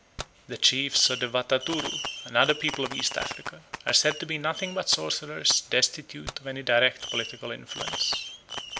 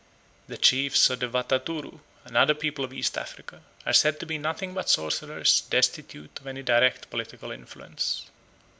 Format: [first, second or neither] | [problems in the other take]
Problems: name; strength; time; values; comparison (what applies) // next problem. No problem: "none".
second | background sound (Fireworks); 10 dB below the speech